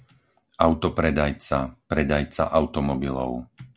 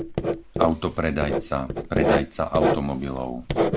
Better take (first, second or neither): first